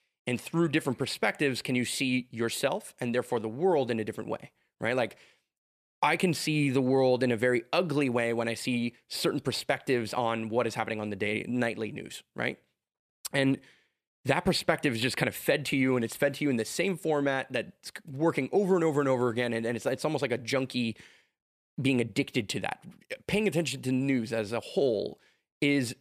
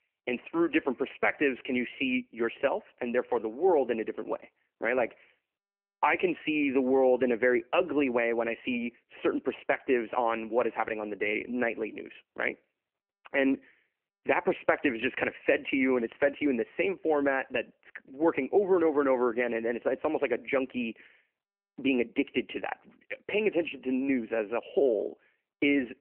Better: first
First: none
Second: phone-call audio; nothing above 3 kHz

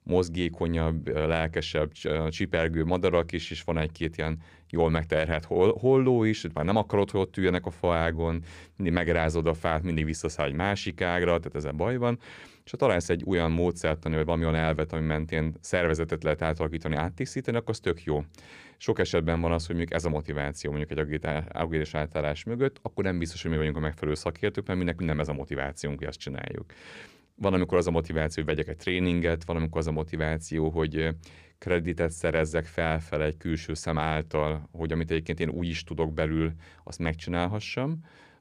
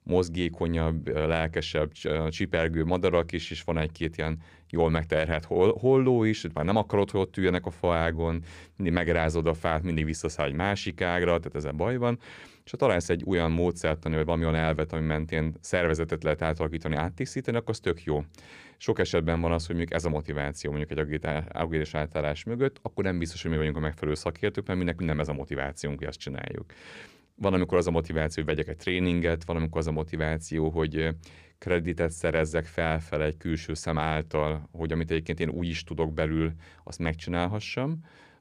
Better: neither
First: none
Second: none

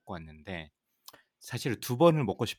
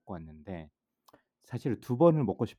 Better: first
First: none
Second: muffled; slightly; fading above 1.5 kHz

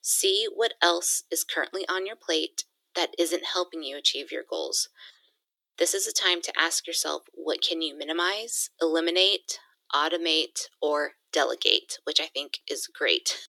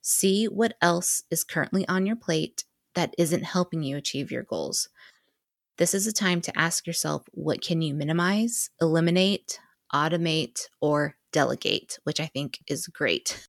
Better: second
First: thin; very; fading below 300 Hz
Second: none

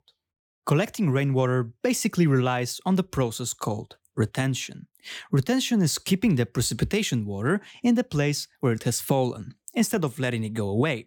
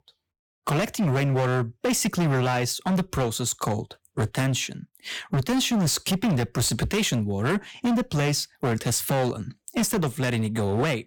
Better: first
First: none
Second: distortion; heavy; 19% of the sound clipped

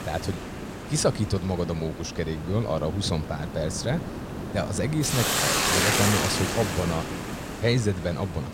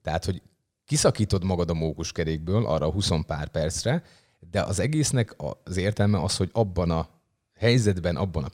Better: second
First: hiss; loud; throughout; 1 dB below the speech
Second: none

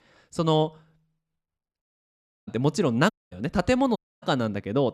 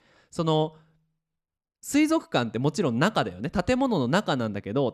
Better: second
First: audio cutting out; at 2 s for 0.5 s, at 3 s and at 4 s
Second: none

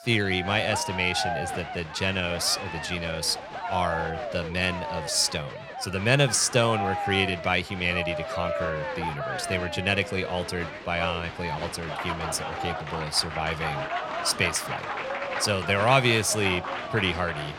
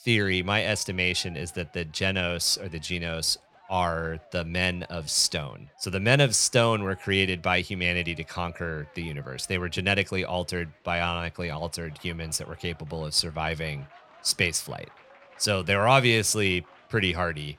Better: second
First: crowd noise; loud; throughout; 6 dB below the speech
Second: crowd noise; faint; throughout; 30 dB below the speech

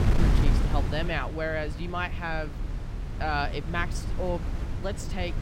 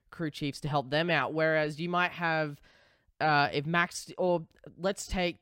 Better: second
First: wind noise on the microphone; heavy; 9 dB below the speech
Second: none

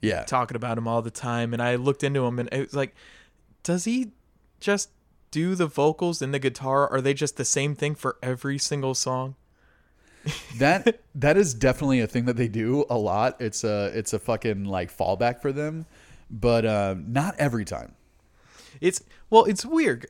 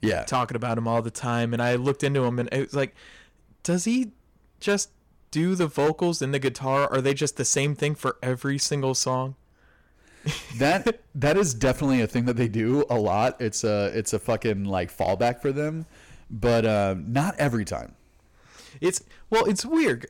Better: first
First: none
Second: distortion; slight; 5% of the sound clipped

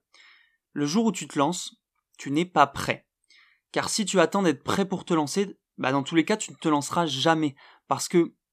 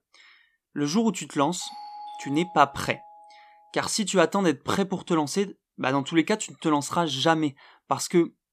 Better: first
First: none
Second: doorbell; faint; from 1.5 to 3.5 s; peak 15 dB below the speech

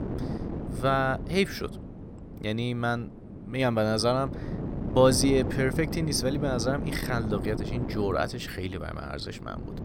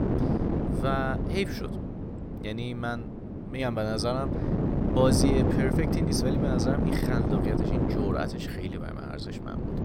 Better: first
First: wind noise on the microphone; occasional gusts; 10 dB below the speech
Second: wind noise on the microphone; heavy; 1 dB below the speech

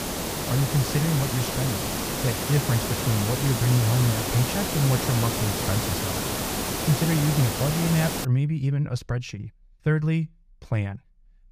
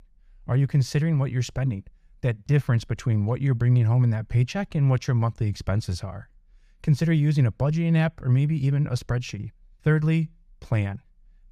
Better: second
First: hiss; loud; until 8.5 s; 2 dB below the speech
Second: none

